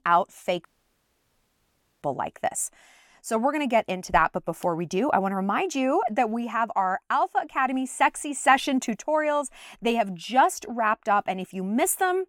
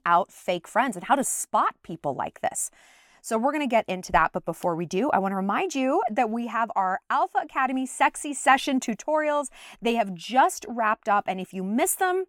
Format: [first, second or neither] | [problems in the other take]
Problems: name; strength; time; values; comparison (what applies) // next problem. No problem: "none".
second | audio cutting out; at 0.5 s for 1.5 s